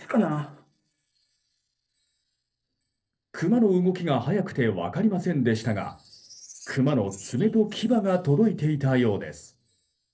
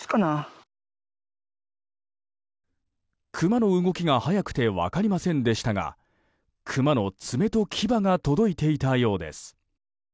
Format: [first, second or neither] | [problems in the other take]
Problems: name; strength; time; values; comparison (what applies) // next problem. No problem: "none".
second | noise reduction (neural separator model SepFormer DNS4)